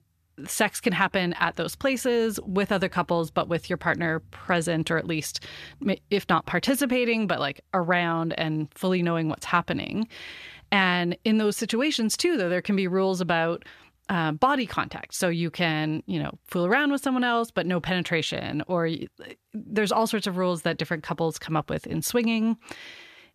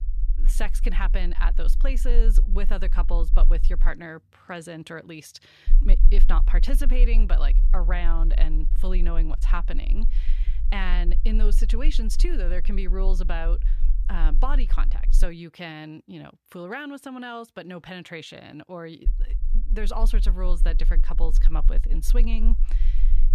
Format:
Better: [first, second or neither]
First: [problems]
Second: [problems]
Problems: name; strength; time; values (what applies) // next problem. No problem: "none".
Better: first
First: none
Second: low rumble; noticeable; until 4 s, from 5.5 to 15 s and from 19 s on; 15 dB below the speech